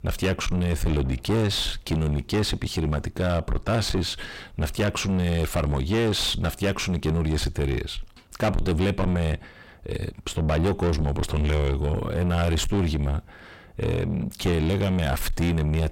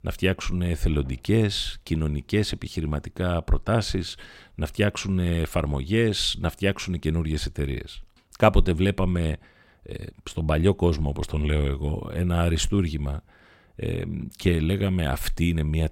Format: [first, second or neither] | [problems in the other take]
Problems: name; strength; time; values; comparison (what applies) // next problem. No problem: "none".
second | distortion; heavy; 5 dB below the speech